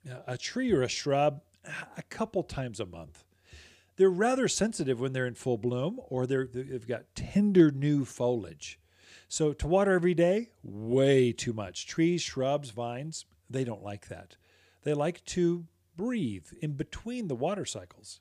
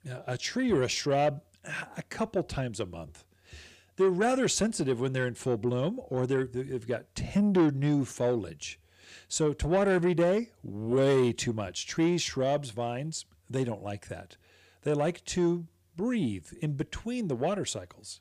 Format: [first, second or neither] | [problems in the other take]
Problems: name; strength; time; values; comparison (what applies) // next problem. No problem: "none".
first | distortion; slight; 10 dB below the speech